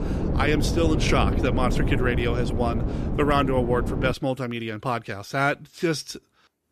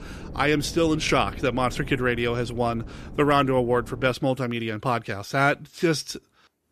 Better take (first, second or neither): second